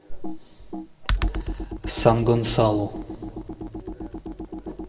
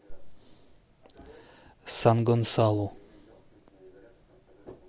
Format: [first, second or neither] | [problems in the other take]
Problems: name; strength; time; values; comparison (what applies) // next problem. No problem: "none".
second | background sound (Computer keyboard); 5 dB below the speech // room echo; dies away in 1.3 s